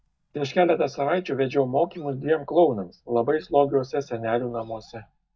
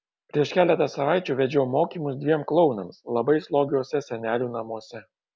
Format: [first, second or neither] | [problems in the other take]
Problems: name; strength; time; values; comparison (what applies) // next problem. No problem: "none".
second | noise reduction (neural mask model DeepFilterNet 3)